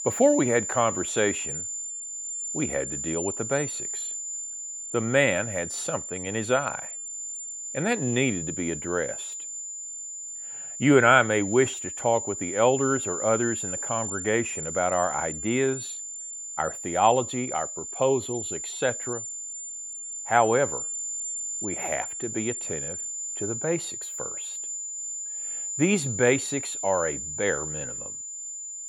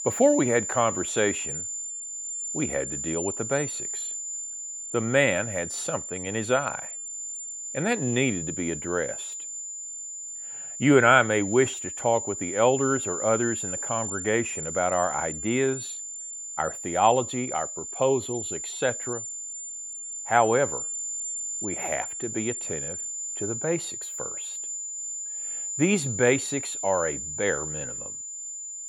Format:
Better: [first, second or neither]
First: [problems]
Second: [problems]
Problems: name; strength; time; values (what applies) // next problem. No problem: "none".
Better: neither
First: high-pitched whine; loud; throughout; 7 kHz, 5 dB below the speech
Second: high-pitched whine; loud; throughout; 7 kHz, 5 dB below the speech